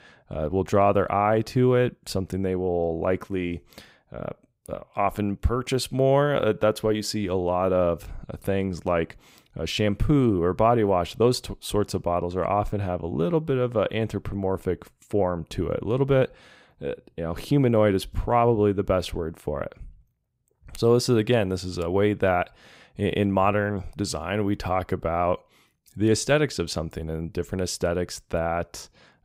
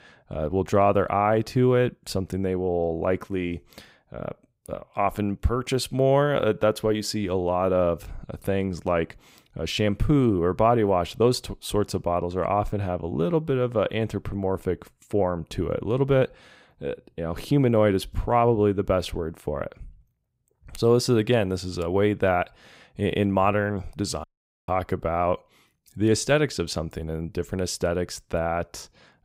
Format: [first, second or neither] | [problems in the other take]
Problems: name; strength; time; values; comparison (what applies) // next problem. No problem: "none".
first | audio cutting out; at 24 s